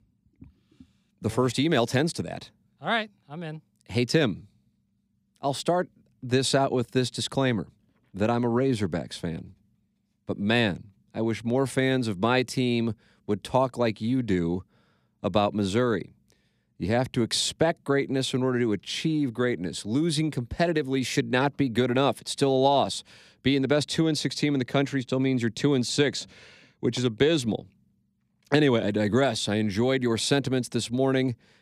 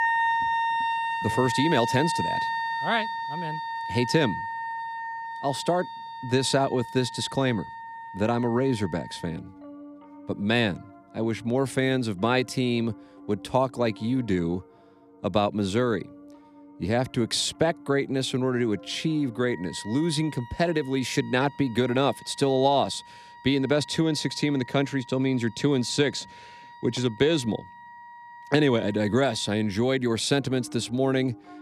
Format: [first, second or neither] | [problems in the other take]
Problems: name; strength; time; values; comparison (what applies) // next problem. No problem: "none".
first | background music; loud; throughout; 6 dB below the speech